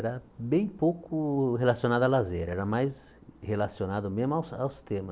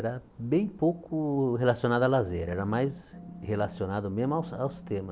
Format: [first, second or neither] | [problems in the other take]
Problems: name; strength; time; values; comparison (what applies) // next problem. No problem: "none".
first | background sound (Organ); 15 dB below the speech